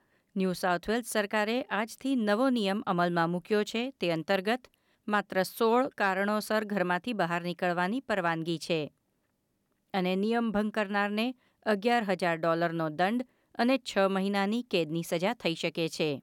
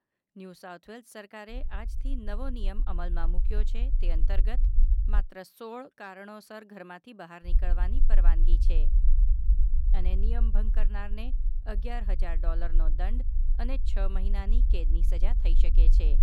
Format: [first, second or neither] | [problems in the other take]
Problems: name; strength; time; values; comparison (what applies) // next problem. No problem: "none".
first | low rumble; noticeable; from 1.5 to 5 s and from 7.5 s on; 10 dB below the speech